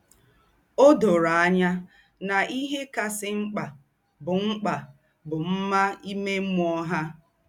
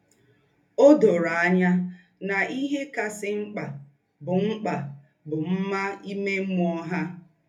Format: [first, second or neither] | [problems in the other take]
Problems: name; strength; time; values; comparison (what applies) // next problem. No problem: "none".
first | room echo; dies away in 0.3 s